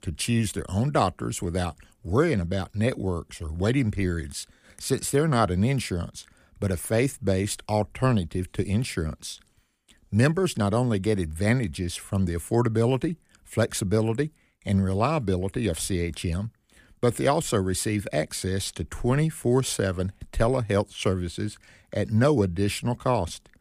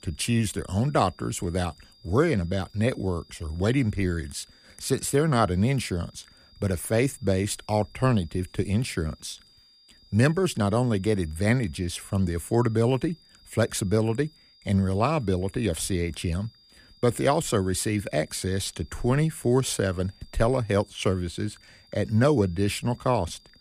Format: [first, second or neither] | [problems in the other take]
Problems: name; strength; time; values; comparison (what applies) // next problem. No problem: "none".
first | high-pitched whine; faint; throughout; 5 kHz, 30 dB below the speech